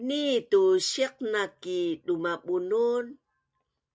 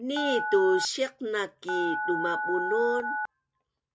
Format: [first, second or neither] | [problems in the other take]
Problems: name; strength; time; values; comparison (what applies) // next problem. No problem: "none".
first | background sound (Telephone); 4 dB below the speech